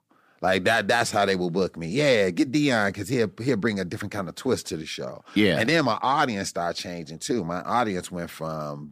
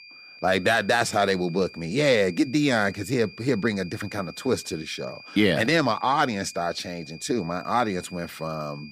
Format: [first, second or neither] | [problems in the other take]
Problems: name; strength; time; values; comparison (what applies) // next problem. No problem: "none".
first | high-pitched whine; noticeable; throughout; 2.5 kHz, 20 dB below the speech